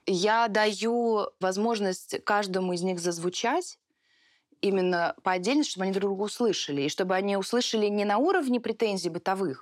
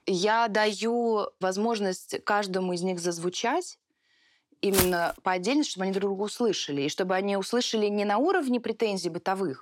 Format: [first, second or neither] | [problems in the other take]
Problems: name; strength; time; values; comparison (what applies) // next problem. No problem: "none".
first | footsteps; loud; at 4.5 s; peak level with the speech